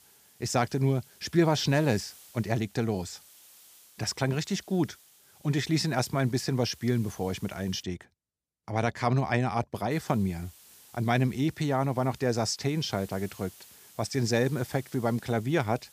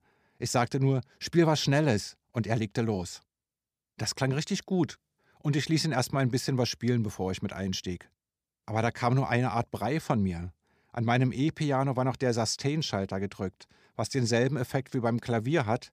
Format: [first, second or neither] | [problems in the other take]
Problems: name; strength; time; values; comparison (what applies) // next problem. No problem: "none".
second | hiss; faint; until 8 s and from 10 s on; 25 dB below the speech